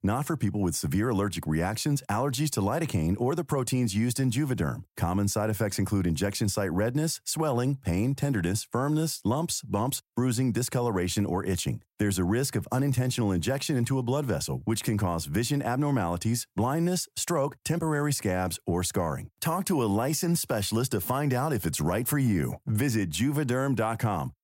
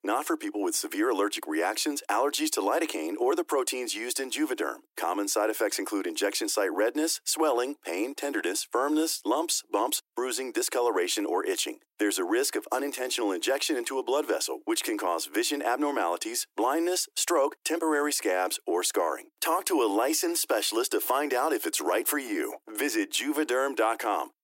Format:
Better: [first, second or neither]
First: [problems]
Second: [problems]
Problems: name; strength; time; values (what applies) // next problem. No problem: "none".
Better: first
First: none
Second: thin; very; fading below 300 Hz